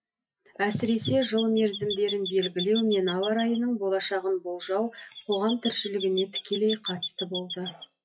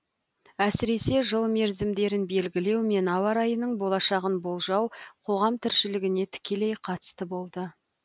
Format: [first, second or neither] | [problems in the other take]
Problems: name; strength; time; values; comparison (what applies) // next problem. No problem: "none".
second | noise reduction (classical method WPE with log-MMSE)